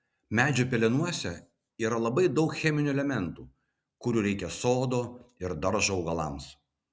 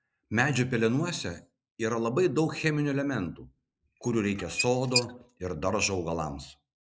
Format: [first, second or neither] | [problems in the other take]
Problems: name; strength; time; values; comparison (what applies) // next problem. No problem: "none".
first | noise reduction (neural mask model Resemble Enhance denoiser)